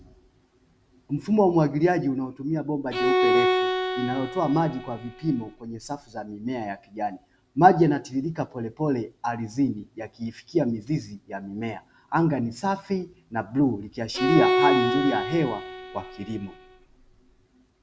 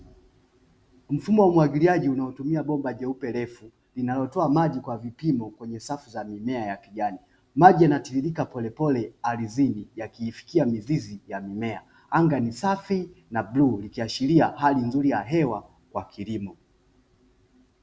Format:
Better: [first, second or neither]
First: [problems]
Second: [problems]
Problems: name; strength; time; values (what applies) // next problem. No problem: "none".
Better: second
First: background sound (Bowed string instrument); as loud as the speech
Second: none